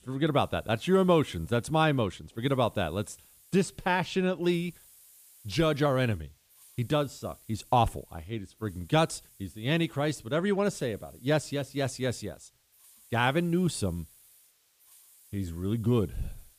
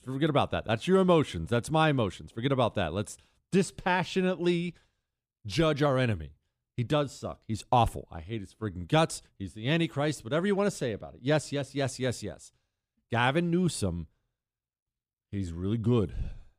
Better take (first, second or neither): second